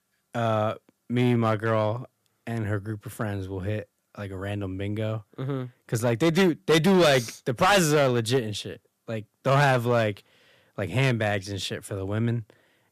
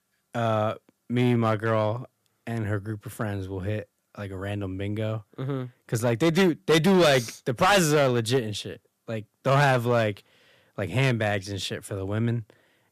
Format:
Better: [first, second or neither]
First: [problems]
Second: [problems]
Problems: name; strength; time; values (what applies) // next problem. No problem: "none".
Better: neither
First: distortion; heavy; 4% of the sound clipped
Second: distortion; heavy; 4% of the sound clipped